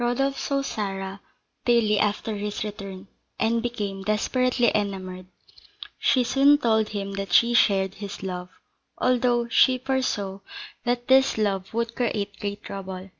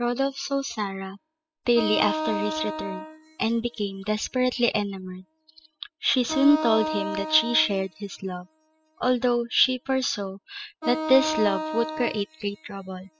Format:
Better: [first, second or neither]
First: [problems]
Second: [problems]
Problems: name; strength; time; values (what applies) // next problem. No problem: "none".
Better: first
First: none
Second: noise reduction (classical method spectral subtraction)